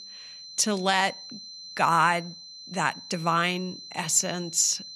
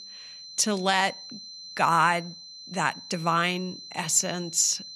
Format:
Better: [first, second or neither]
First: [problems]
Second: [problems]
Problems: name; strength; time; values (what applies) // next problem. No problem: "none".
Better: neither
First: high-pitched whine; noticeable; throughout; 4 kHz, 15 dB below the speech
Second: high-pitched whine; noticeable; throughout; 4 kHz, 15 dB below the speech